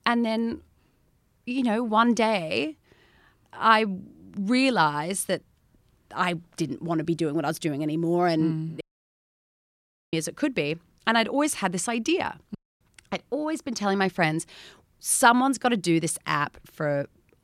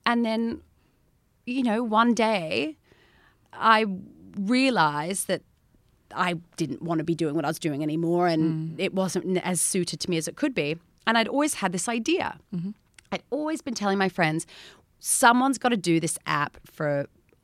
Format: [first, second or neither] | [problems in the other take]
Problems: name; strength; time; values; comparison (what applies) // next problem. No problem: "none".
second | audio cutting out; at 9 s for 1.5 s and at 13 s